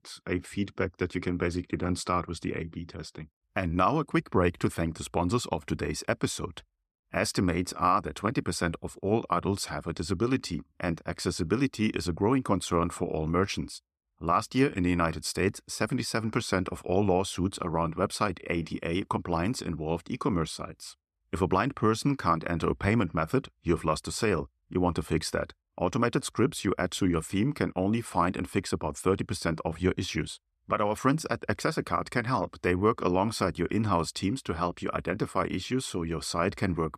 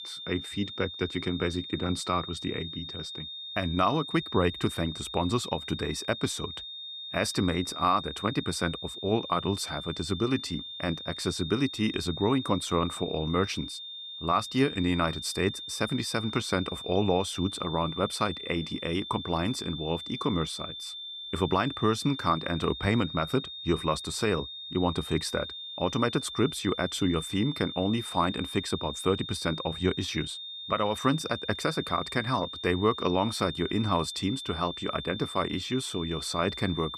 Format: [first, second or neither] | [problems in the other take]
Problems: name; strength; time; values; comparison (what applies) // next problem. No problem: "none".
first | high-pitched whine; loud; throughout; 3.5 kHz, 8 dB below the speech